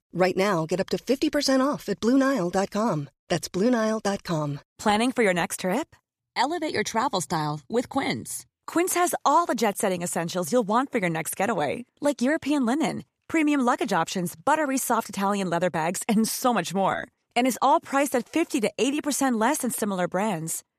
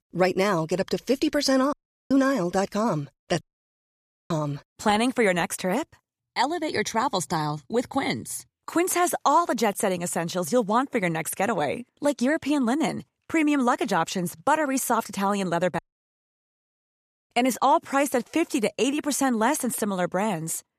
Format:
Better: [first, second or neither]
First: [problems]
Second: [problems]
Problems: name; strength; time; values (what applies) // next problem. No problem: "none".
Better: first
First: none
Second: audio cutting out; at 1.5 s, at 3.5 s for 1 s and at 16 s for 1.5 s